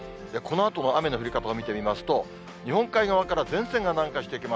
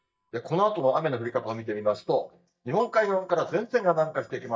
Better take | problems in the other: first | noise reduction (neural mask model DeepFilterNet 3)

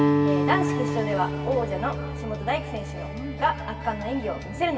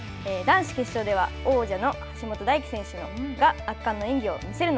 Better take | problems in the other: second | background sound (Guitar); as loud as the speech // room echo; dies away in 2.5 s

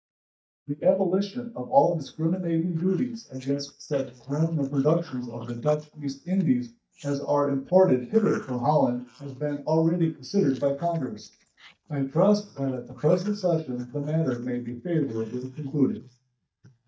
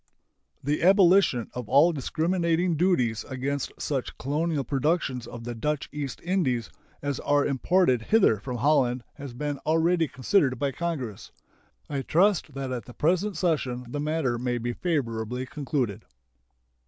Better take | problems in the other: second | noise reduction (neural mask model DeepFilterNet 3)

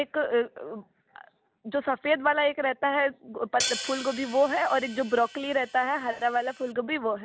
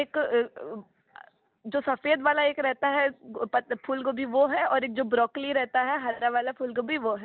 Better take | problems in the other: second | background sound (Hi-hat); 10 dB below the speech

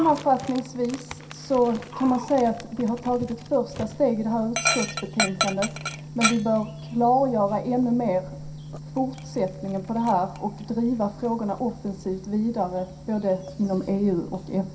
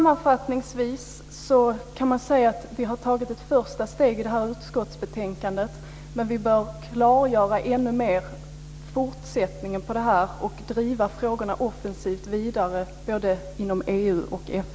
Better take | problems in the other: second | background sound (Dog); 10 dB below the speech // room echo; dies away in 0.3 s

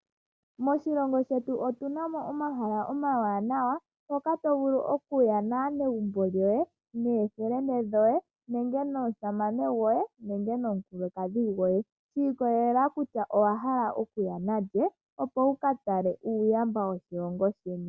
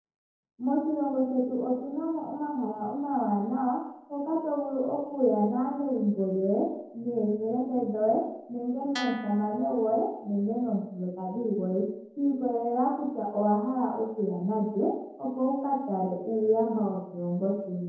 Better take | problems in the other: first | noise reduction (neural separator model SepFormer DNS4)

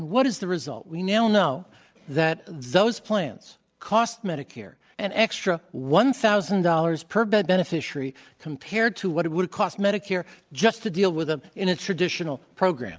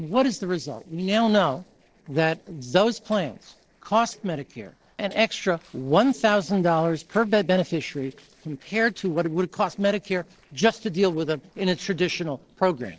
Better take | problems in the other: first | noise reduction (neural separator model SepFormer DNS4)

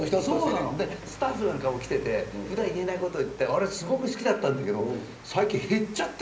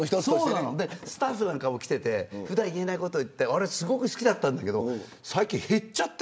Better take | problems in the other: second | background sound (Rain); 18 dB below the speech // room echo; dies away in 0.5 s

